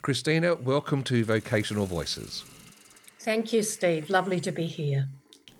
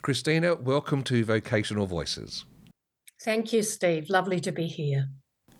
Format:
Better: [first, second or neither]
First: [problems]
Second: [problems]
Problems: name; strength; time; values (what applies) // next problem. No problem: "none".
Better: second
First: hiss; faint; throughout; 25 dB below the speech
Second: none